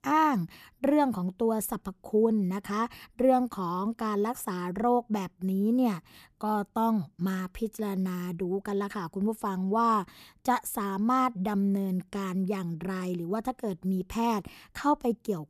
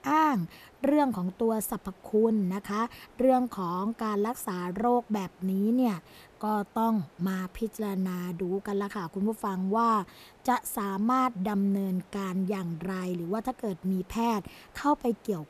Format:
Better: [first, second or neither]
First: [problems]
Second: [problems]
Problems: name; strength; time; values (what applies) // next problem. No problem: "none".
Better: first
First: none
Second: hiss; faint; throughout; 30 dB below the speech